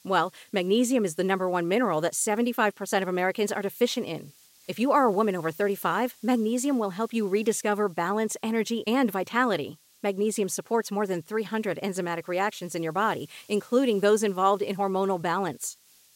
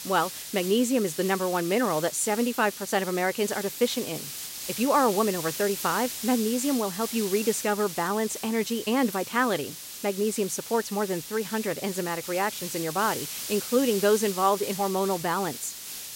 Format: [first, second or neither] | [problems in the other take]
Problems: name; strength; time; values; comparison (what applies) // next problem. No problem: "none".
first | hiss; loud; throughout; 8 dB below the speech; faint in the first